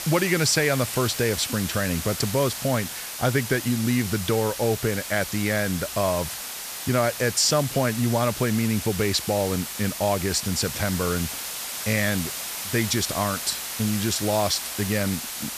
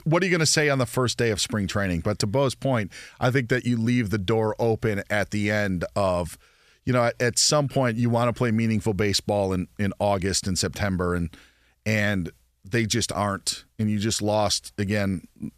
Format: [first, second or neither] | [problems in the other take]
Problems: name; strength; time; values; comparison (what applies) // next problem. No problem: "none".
second | hiss; loud; throughout; 6 dB below the speech